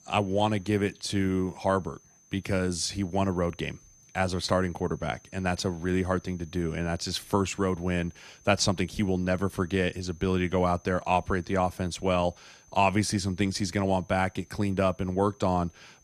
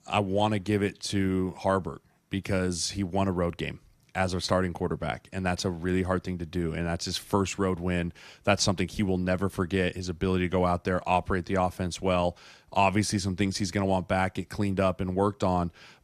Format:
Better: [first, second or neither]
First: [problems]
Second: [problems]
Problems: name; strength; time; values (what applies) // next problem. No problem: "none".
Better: second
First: high-pitched whine; faint; throughout; 6 kHz, 30 dB below the speech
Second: none